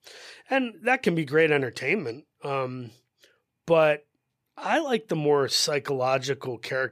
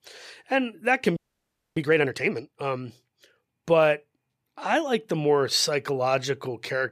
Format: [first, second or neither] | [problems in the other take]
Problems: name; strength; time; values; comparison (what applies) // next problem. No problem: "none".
first | audio freezing; at 1 s for 0.5 s